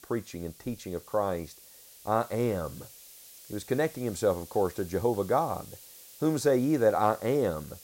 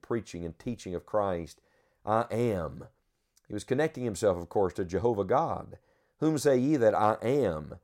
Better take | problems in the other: second | hiss; noticeable; throughout; 20 dB below the speech

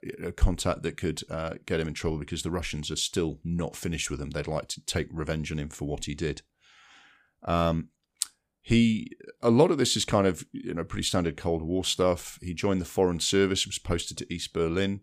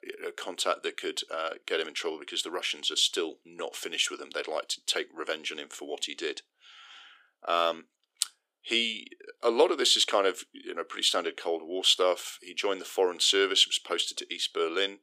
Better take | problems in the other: first | thin; very; fading below 350 Hz

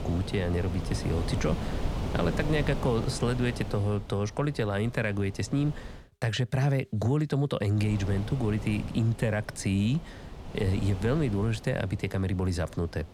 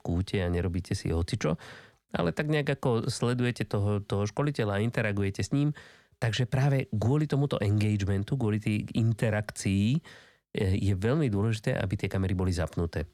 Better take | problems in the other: second | wind noise on the microphone; heavy; until 6 s and from 8 s on; 9 dB below the speech

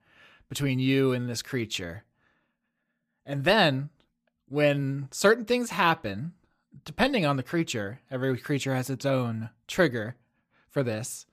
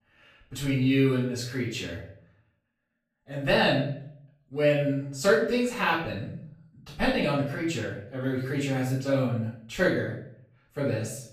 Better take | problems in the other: first | off-mic speech; far // room echo; noticeable; dies away in 0.5 s

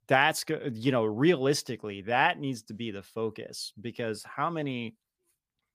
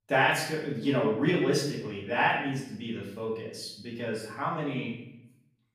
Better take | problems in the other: first | off-mic speech; far // room echo; noticeable; dies away in 0.7 s

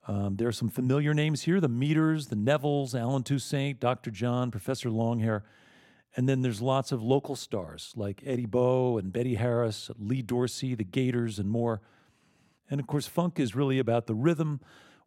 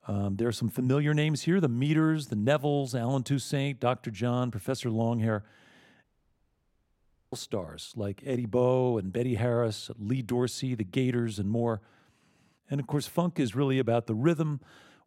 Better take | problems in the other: first | audio cutting out; at 6 s for 1.5 s

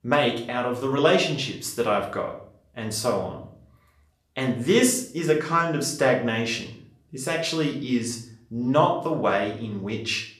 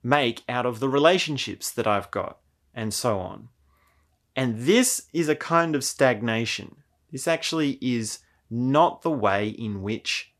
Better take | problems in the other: second | room echo; slight; dies away in 0.5 s // off-mic speech; somewhat distant

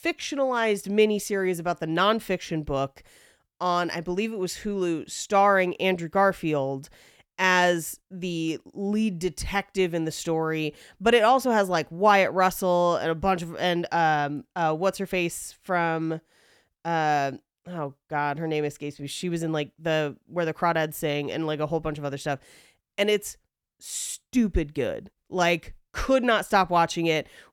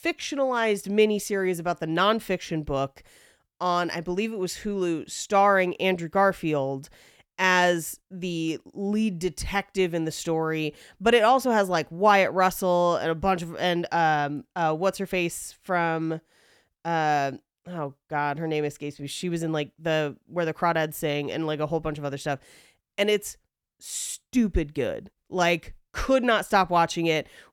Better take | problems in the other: neither | none

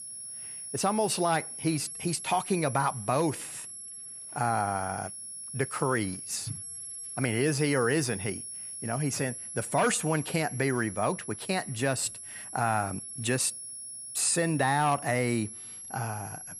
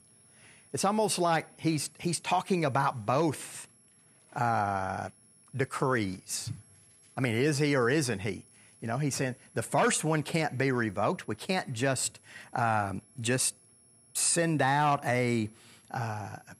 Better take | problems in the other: second | high-pitched whine; loud; throughout; 10.5 kHz, 9 dB below the speech; faint in the second

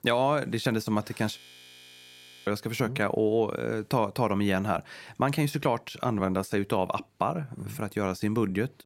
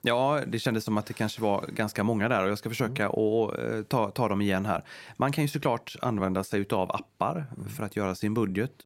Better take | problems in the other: second | audio freezing; at 1.5 s for 1 s

